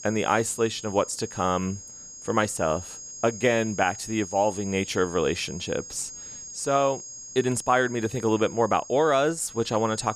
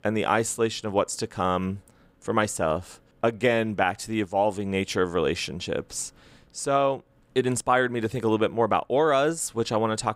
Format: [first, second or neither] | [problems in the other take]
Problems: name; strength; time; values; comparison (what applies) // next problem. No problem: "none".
second | high-pitched whine; noticeable; throughout; 6.5 kHz, 15 dB below the speech